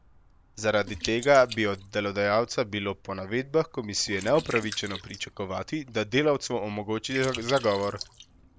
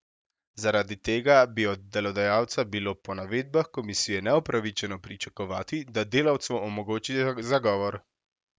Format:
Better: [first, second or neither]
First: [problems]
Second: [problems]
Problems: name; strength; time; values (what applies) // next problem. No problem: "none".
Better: second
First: background sound (Liquid); 16 dB below the speech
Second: none